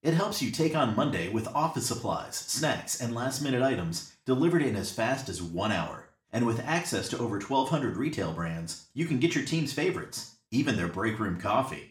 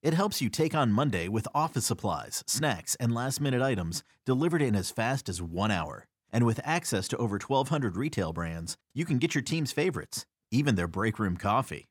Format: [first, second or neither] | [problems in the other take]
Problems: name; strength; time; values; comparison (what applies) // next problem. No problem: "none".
second | room echo; slight; dies away in 0.4 s // off-mic speech; somewhat distant